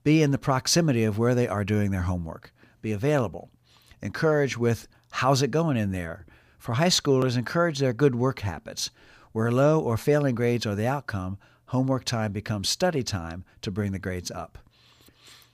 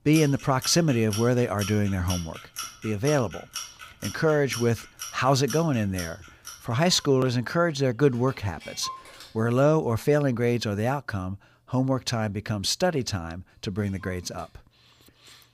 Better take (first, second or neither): first